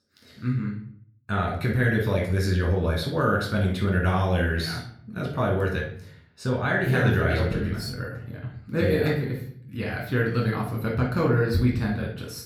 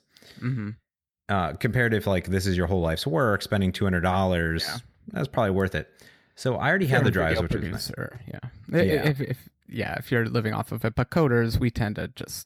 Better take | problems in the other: second | off-mic speech; somewhat distant // room echo; noticeable; dies away in 0.5 s

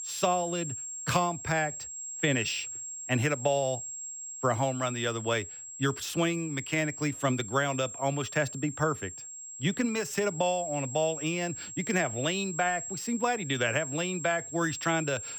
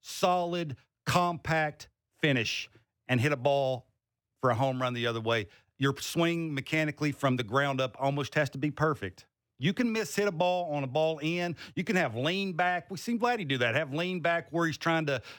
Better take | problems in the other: second | high-pitched whine; loud; throughout; 7.5 kHz, 8 dB below the speech

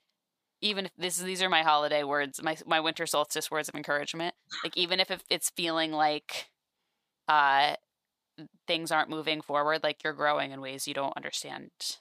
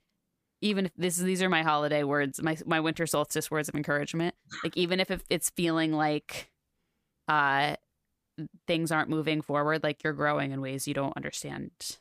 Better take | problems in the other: second | thin; somewhat; fading below 500 Hz

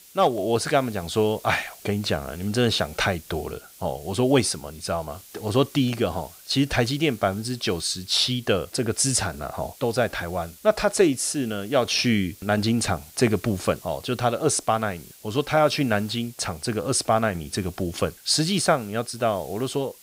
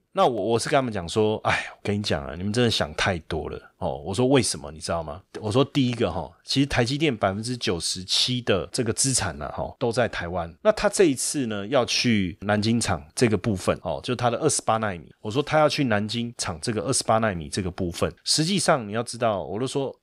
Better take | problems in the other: second | hiss; faint; throughout; 20 dB below the speech

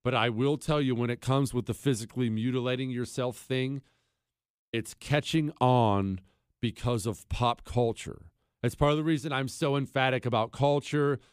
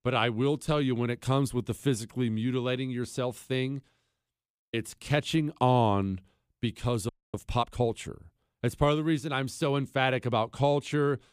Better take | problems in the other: first | audio freezing; at 7 s

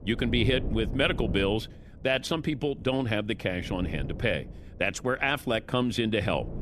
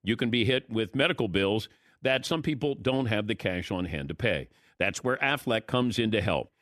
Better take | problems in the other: second | wind noise on the microphone; occasional gusts; 15 dB below the speech

